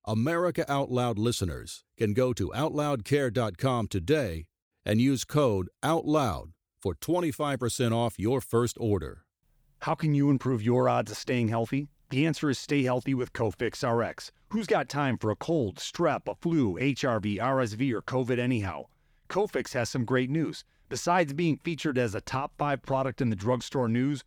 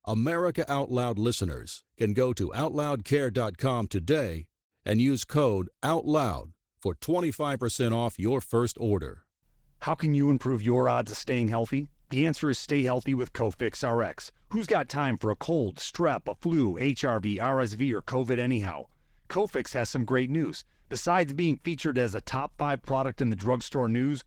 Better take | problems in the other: first | garbled, watery; slightly; nothing above 19 kHz

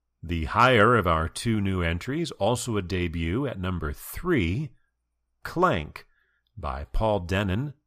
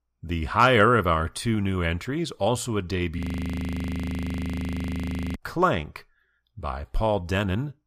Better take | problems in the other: first | audio freezing; at 3 s for 2 s

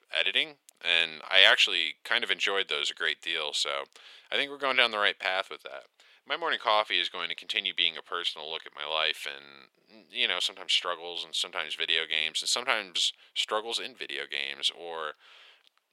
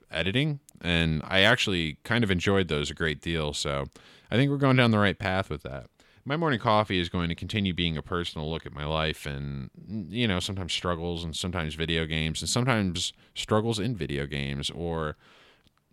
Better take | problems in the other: second | thin; very; fading below 500 Hz

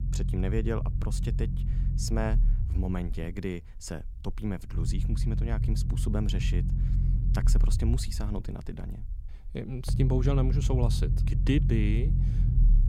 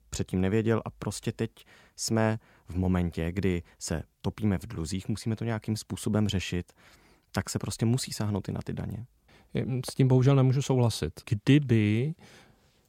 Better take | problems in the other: second | low rumble; loud; throughout; 7 dB below the speech

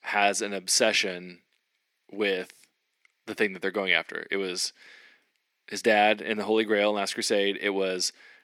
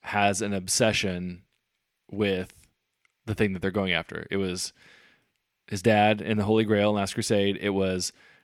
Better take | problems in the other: second | thin; somewhat; fading below 250 Hz

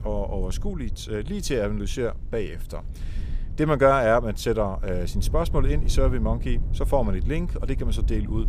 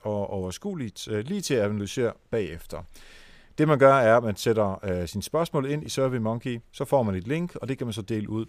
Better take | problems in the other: second | low rumble; faint; throughout; 20 dB below the speech

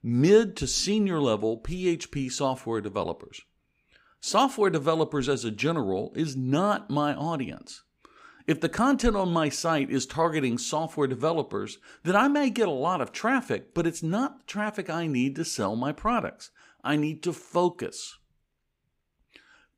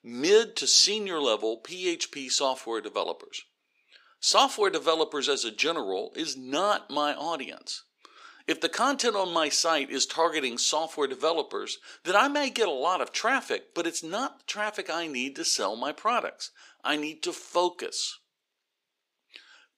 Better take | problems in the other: first | thin; somewhat; fading below 400 Hz

